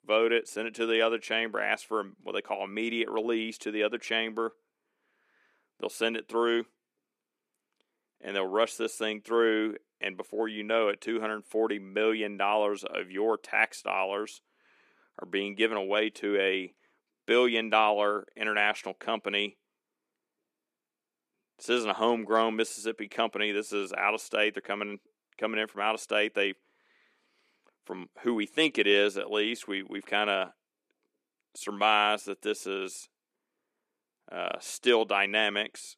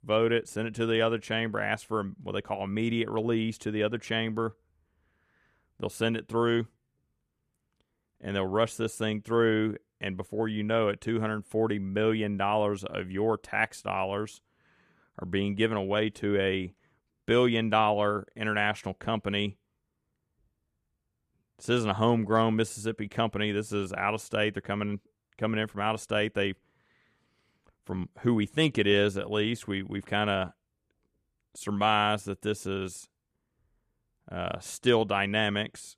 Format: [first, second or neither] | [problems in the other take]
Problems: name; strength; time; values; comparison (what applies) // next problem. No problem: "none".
second | thin; somewhat; fading below 250 Hz